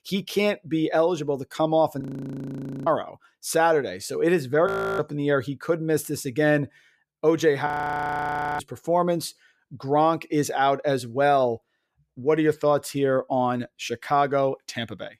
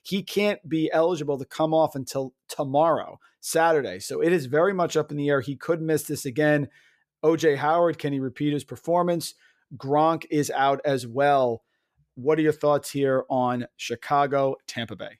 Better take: second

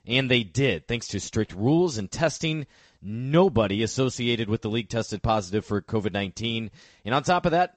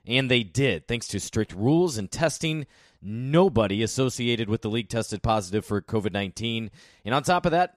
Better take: second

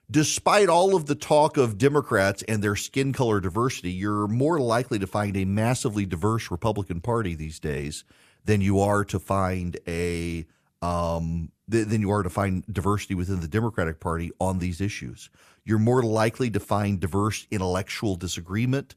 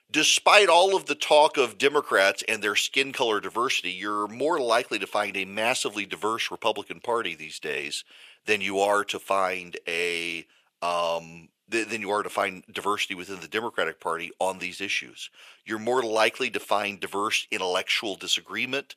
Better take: first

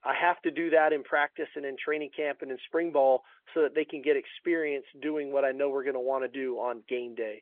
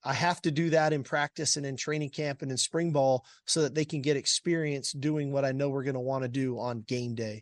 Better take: second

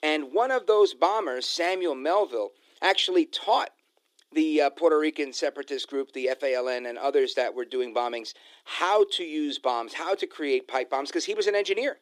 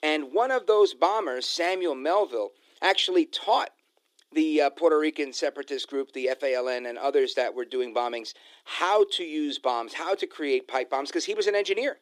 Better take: neither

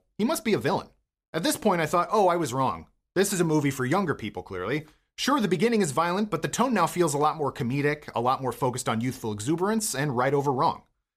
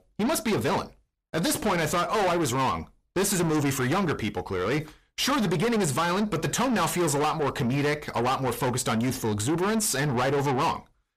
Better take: first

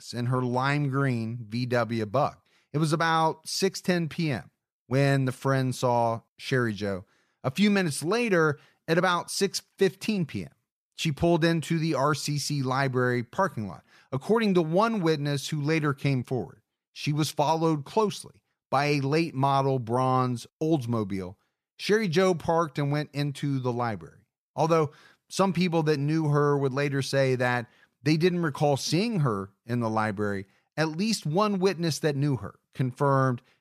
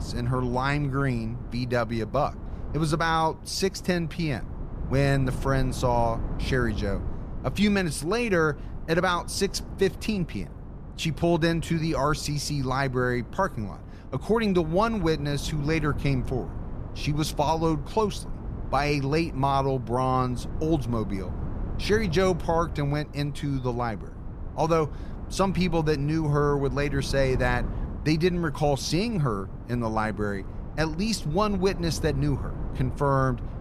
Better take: first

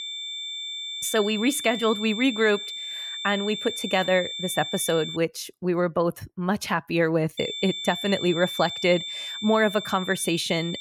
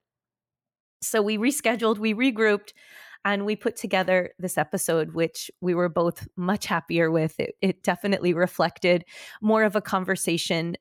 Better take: second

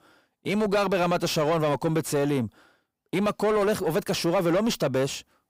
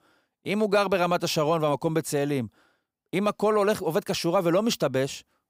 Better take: second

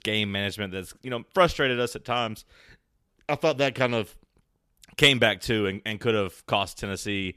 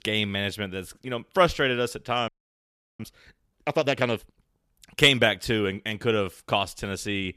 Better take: first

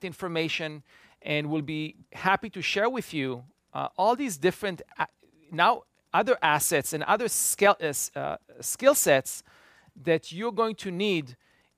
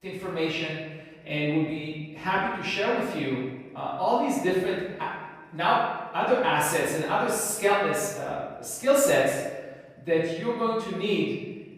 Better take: first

